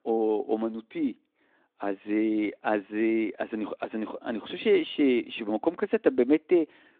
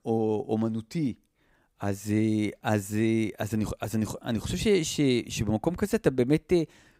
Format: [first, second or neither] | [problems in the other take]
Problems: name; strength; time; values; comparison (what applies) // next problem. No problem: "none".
second | phone-call audio; nothing above 3.5 kHz